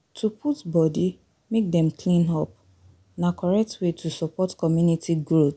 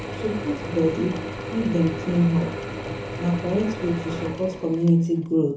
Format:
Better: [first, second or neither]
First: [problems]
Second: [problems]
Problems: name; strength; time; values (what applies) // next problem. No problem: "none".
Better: first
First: none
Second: background sound (Drill / Mechanisms); 8 dB below the speech // room echo; dies away in 0.5 s